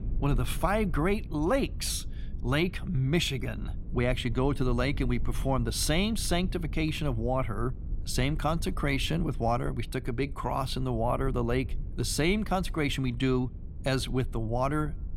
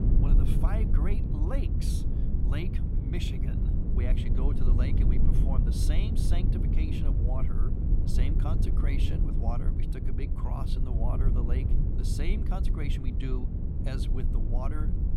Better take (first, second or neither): first